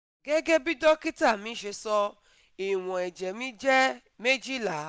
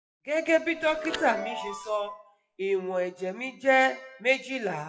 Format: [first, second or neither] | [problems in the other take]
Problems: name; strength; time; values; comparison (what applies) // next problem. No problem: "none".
first | noise reduction (classical method WPE with log-MMSE)